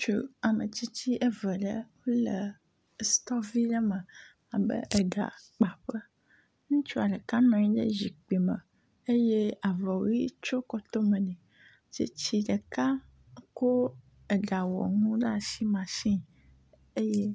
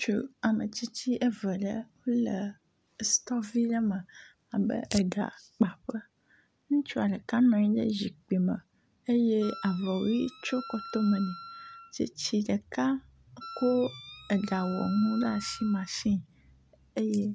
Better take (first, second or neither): first